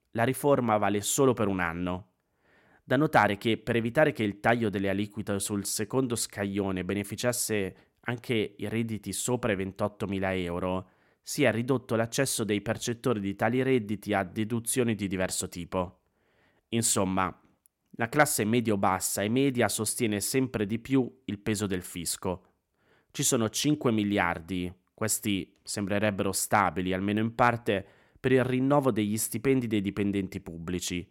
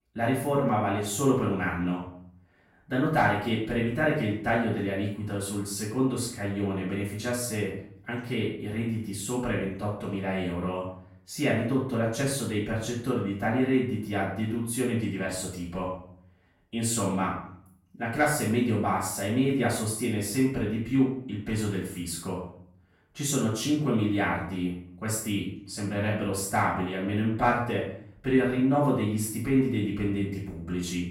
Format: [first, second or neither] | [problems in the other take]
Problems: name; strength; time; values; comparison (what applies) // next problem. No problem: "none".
first | off-mic speech; far // room echo; noticeable; dies away in 0.5 s